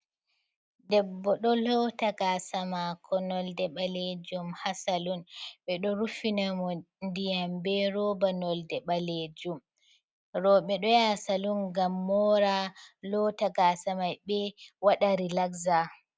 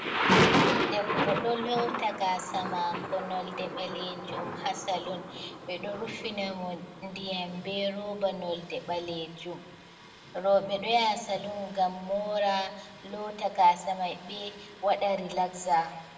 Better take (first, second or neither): first